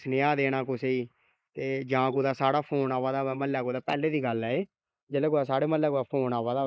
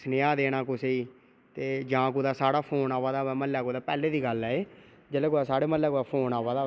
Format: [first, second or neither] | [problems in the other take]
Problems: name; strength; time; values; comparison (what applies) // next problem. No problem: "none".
second | noise reduction (neural mask model Resemble Enhance denoiser)